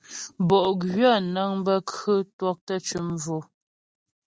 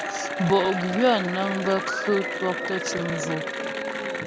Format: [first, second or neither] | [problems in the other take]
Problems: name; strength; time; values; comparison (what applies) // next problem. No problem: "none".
first | background sound (Applause / Cheering); 4 dB below the speech